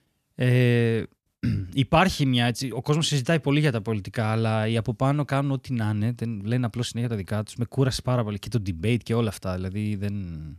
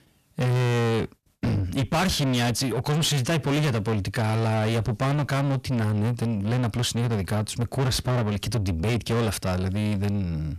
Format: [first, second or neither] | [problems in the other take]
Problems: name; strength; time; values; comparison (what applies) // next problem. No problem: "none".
first | distortion; heavy; 6 dB below the speech